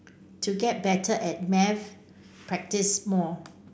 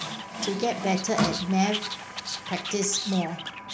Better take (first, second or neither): first